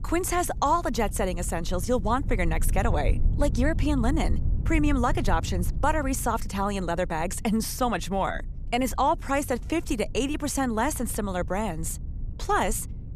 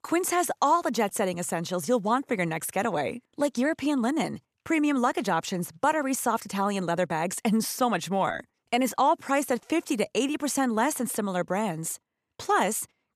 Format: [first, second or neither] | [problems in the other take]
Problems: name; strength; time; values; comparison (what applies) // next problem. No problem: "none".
second | low rumble; faint; throughout; 20 dB below the speech